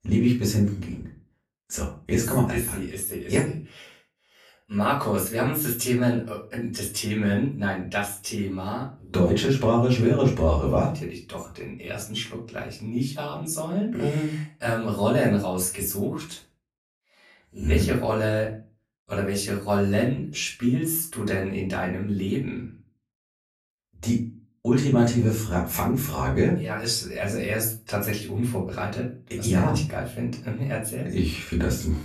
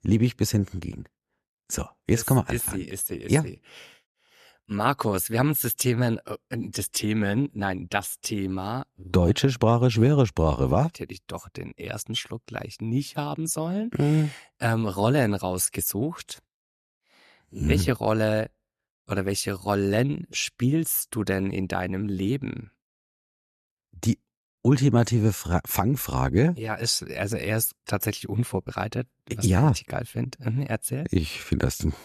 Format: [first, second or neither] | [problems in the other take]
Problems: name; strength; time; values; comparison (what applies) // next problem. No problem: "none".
second | off-mic speech; far // room echo; slight; dies away in 0.3 s